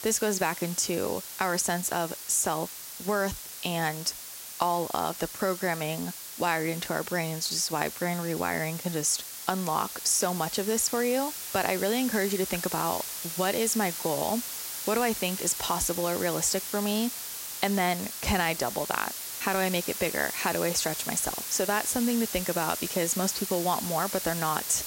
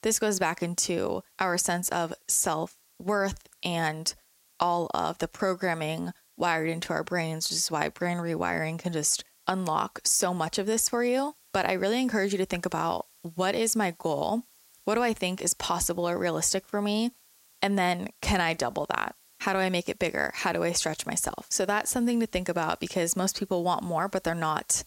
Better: second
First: hiss; loud; throughout; 6 dB below the speech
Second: hiss; faint; throughout; 30 dB below the speech

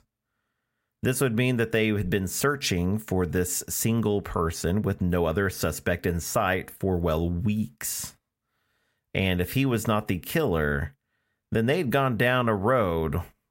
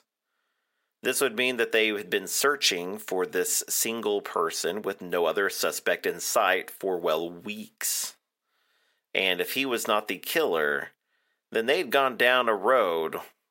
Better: first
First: none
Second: thin; somewhat; fading below 350 Hz

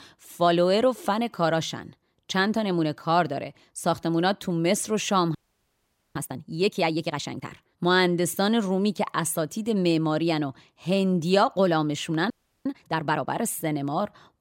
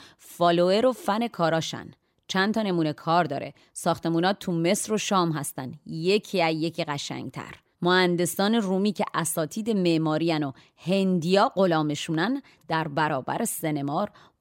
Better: second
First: audio freezing; at 5.5 s for 1 s and at 12 s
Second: none

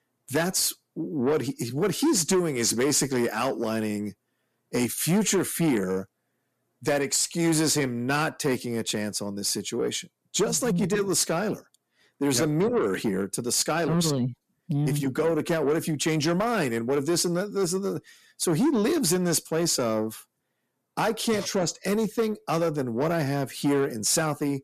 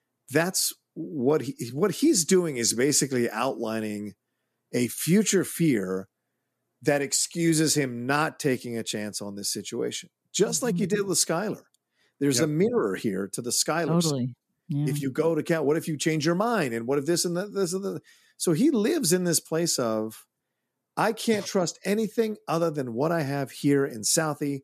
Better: second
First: distortion; slight; 10 dB below the speech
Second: none

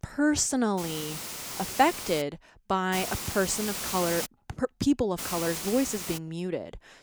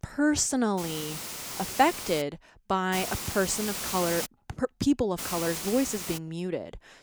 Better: neither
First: hiss; loud; from 1 to 2 s, from 3 to 4.5 s and from 5 to 6 s; 5 dB below the speech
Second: hiss; loud; from 1 to 2 s, from 3 to 4.5 s and from 5 to 6 s; 5 dB below the speech

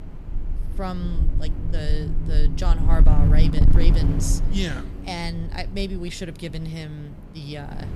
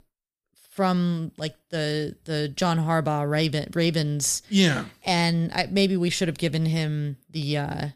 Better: second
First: wind noise on the microphone; heavy; 4 dB below the speech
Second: none

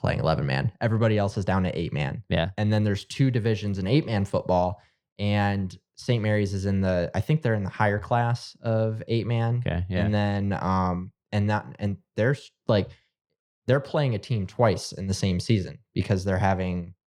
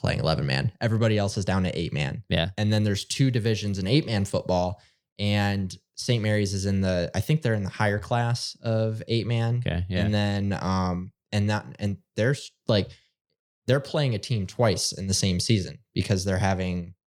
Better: second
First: muffled; slightly; fading above 3.5 kHz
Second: none

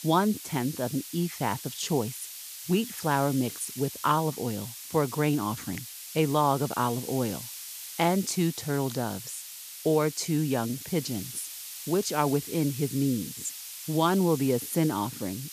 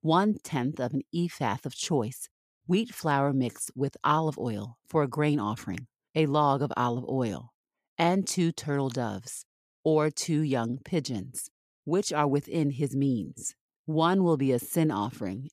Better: second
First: hiss; loud; throughout; 10 dB below the speech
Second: none

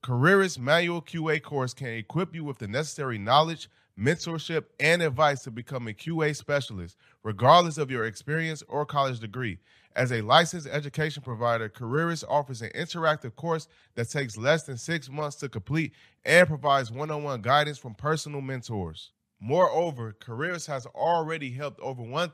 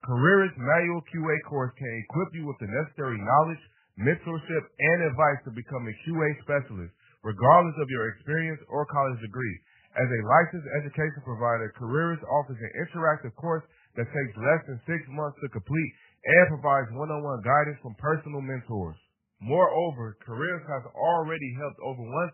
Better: first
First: none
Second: garbled, watery; badly; nothing above 2.5 kHz

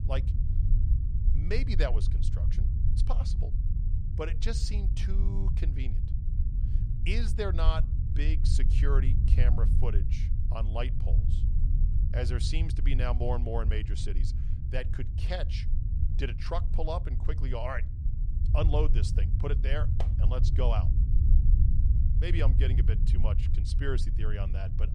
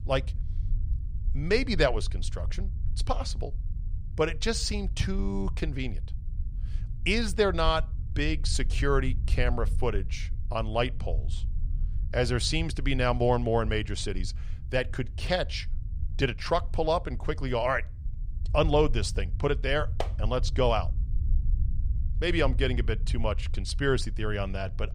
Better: second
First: low rumble; loud; throughout; 8 dB below the speech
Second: low rumble; faint; throughout; 25 dB below the speech

